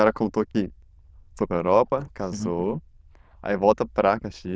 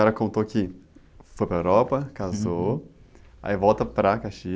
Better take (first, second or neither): second